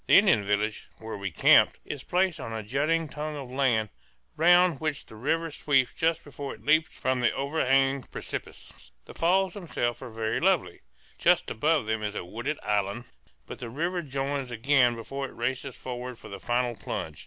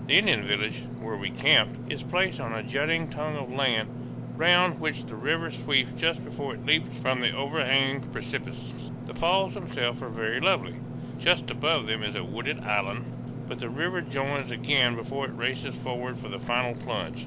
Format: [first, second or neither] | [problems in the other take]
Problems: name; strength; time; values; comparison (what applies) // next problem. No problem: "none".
first | background sound (Engine / Mechanisms); 7 dB below the speech